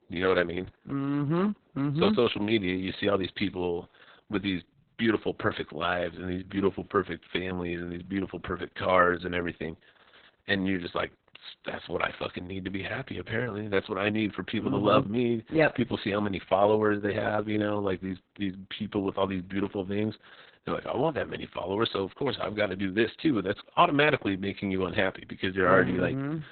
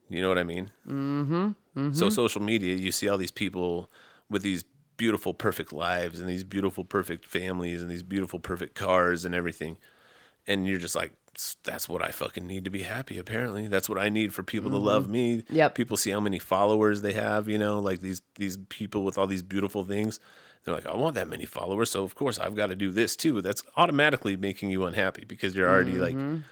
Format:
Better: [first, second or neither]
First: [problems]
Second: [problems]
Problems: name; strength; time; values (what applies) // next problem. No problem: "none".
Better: second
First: garbled, watery; badly; nothing above 4 kHz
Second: garbled, watery; slightly; nothing above 19.5 kHz